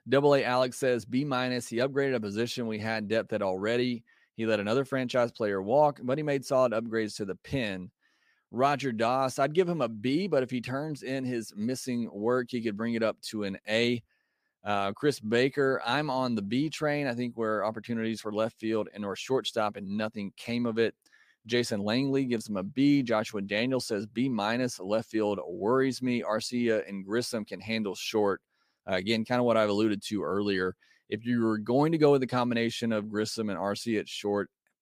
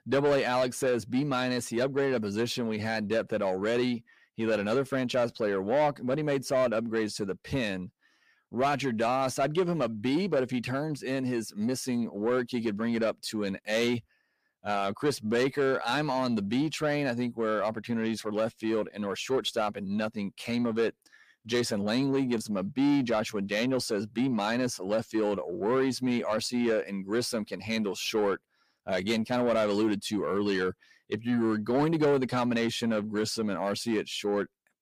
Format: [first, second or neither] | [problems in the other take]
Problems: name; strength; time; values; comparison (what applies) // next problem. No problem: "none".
first | distortion; slight; 10 dB below the speech